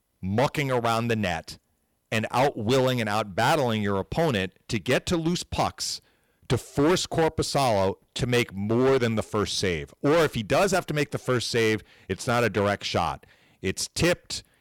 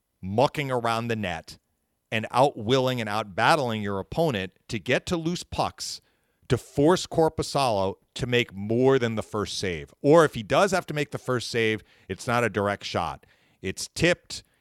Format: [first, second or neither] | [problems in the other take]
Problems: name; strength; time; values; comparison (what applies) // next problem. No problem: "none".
second | distortion; heavy; 9% of the sound clipped